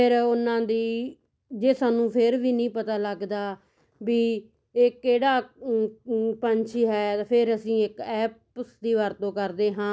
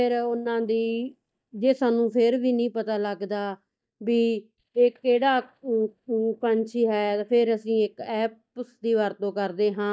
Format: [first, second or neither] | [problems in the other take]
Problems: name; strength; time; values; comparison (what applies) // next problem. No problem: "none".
first | noise reduction (neural mask model DeepFilterNet 3)